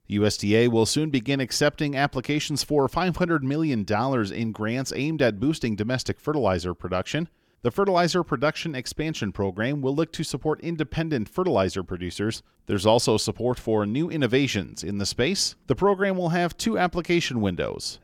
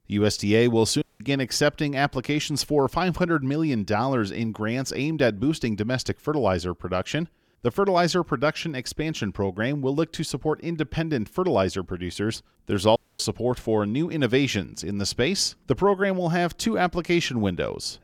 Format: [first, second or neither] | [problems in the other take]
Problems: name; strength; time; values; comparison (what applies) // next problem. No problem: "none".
first | audio cutting out; at 1 s and at 13 s